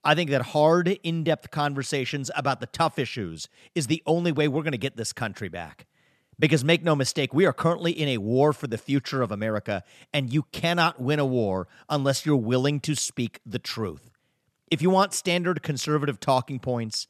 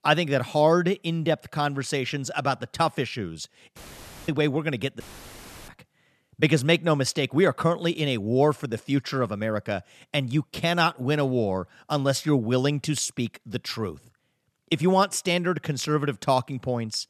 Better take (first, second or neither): first